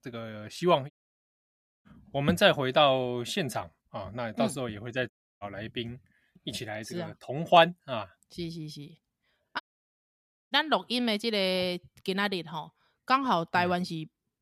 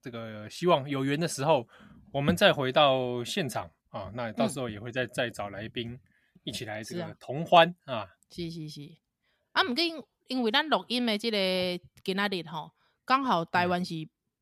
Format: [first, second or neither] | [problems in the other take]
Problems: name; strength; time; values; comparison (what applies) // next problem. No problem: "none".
second | audio cutting out; at 1 s for 1 s, at 5 s and at 9.5 s for 1 s